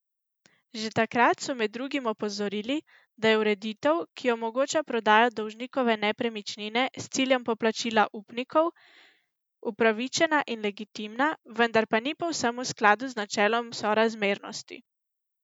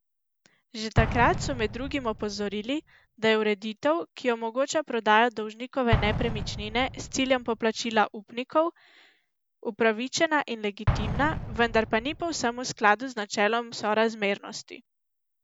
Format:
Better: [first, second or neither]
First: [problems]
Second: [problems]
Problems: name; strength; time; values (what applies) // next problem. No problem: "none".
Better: first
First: none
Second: background sound (Explosion); 8 dB below the speech